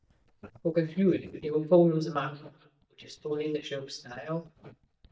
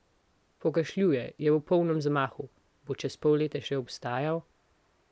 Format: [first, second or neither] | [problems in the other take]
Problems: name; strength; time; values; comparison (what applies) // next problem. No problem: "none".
second | noise reduction (neural mask model DeepFilterNet 3)